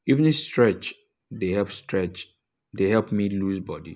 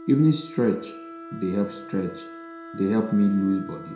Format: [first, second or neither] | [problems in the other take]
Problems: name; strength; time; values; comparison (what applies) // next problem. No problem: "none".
first | background sound (Wind instrument, woodwind instrument); 15 dB below the speech // room echo; dies away in 0.6 s